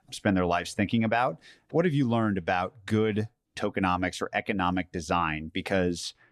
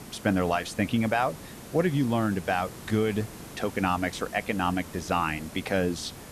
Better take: first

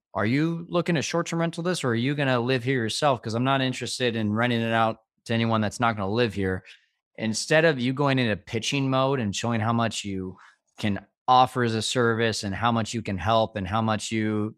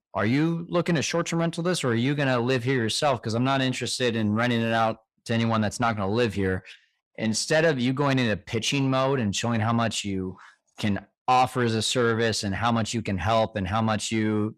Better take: first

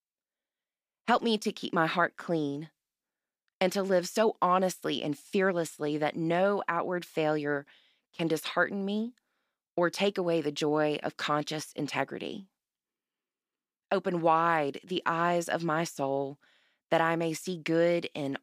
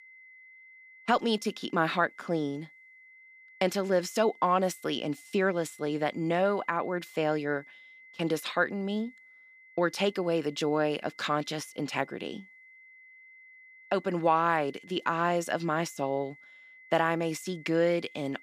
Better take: first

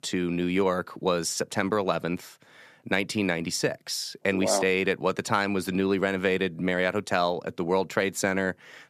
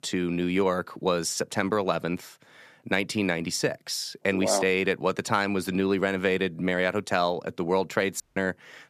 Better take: first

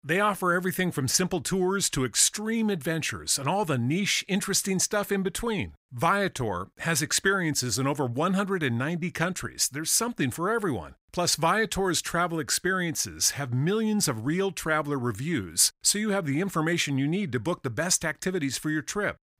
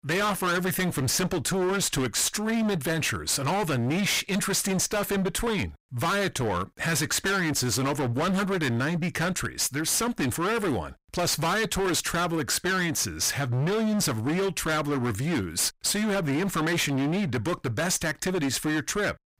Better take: first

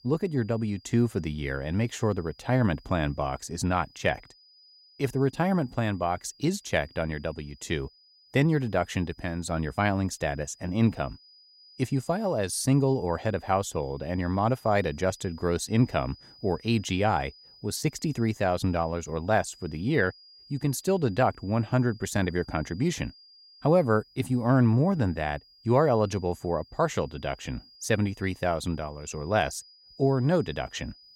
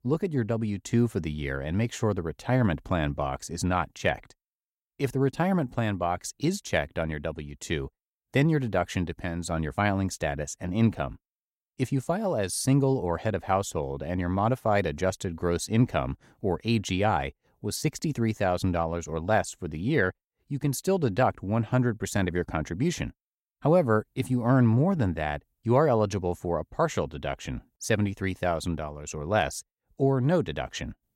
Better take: second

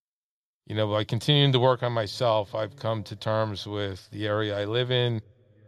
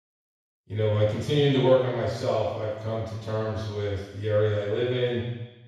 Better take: first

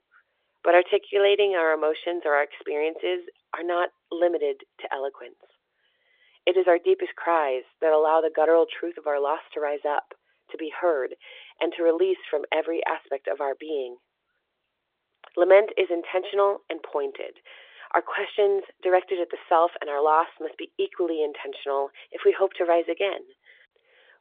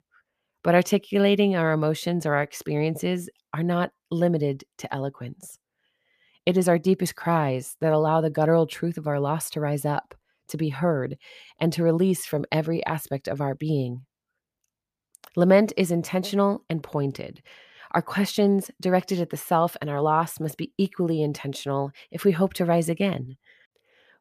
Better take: second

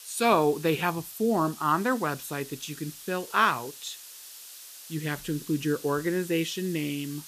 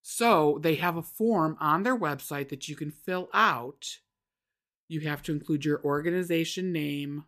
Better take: second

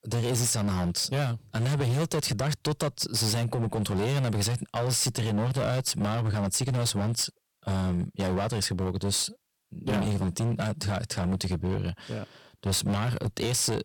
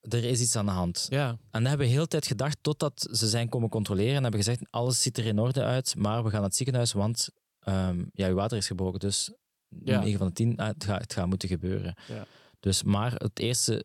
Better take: second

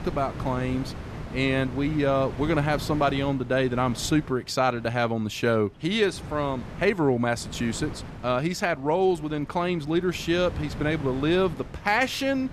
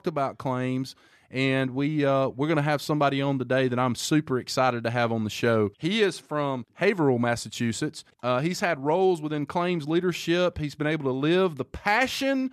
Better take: second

